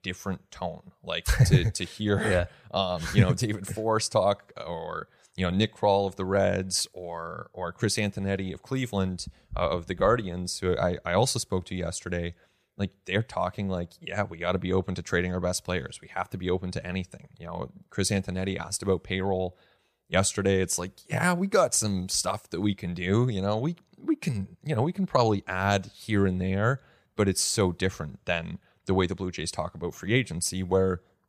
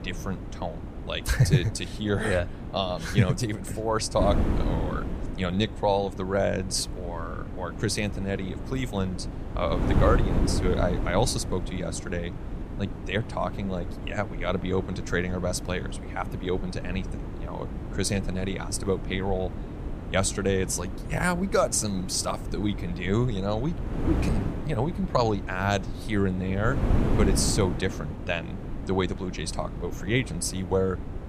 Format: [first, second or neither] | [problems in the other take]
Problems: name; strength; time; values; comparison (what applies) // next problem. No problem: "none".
first | wind noise on the microphone; heavy; 10 dB below the speech